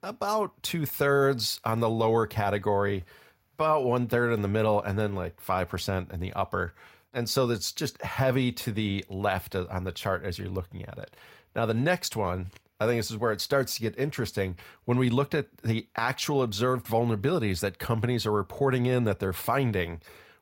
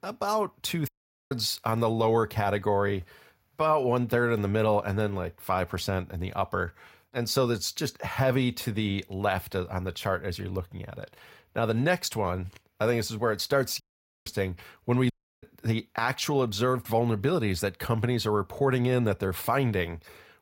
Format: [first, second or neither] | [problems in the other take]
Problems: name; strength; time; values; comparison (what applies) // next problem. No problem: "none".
first | audio cutting out; at 1 s, at 14 s and at 15 s